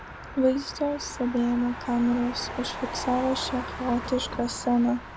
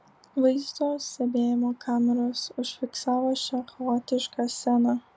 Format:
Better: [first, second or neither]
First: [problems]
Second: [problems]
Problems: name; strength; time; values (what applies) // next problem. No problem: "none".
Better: second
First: background sound (Motor vehicle (road)); 10 dB below the speech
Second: none